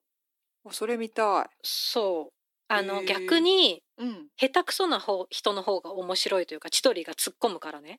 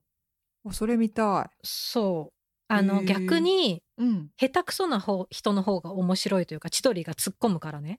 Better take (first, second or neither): second